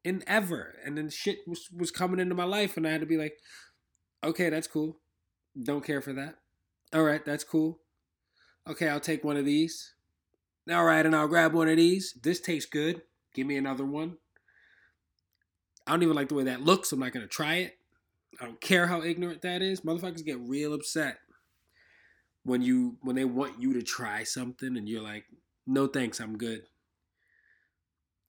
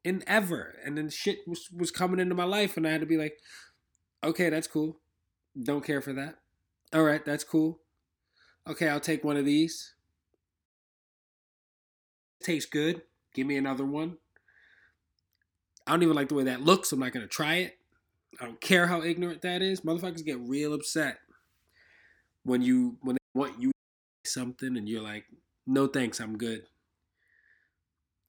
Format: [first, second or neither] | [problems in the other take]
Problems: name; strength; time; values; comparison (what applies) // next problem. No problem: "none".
first | audio cutting out; at 11 s for 1.5 s, at 23 s and at 24 s for 0.5 s